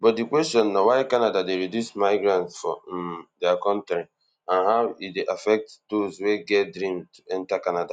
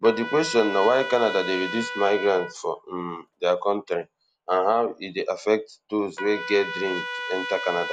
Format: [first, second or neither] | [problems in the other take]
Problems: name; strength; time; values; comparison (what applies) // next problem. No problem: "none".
first | background sound (Trumpet); 10 dB below the speech